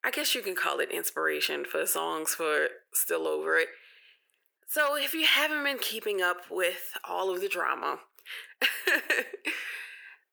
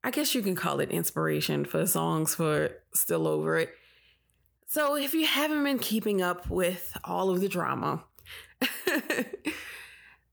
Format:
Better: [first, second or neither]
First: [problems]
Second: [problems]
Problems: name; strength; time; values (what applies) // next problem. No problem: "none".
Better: second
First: thin; very; fading below 400 Hz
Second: none